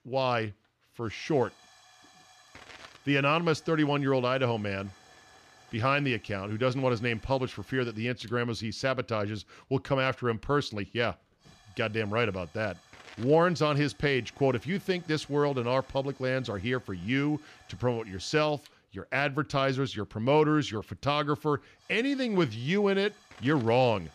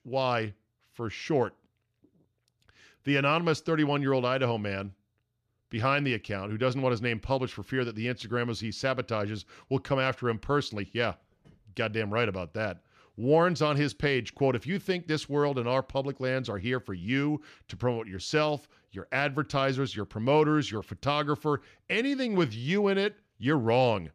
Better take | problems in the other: second | hiss; faint; throughout; 25 dB below the speech

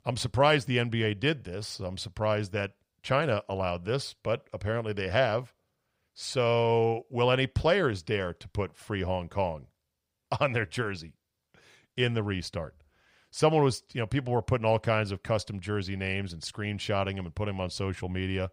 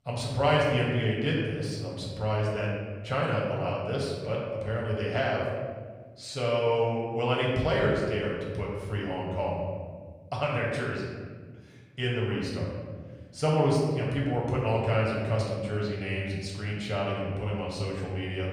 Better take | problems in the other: first | room echo; noticeable; dies away in 1.6 s // off-mic speech; far

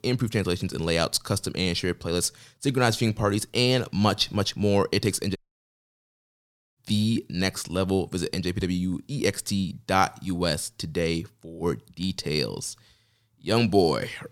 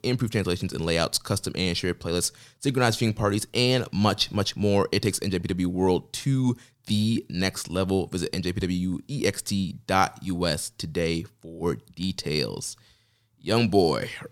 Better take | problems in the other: second | audio cutting out; at 5.5 s for 1.5 s

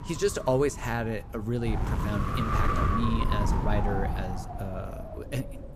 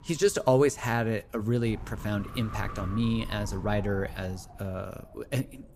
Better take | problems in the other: second | wind noise on the microphone; heavy; as loud as the speech; occasional gusts in the second

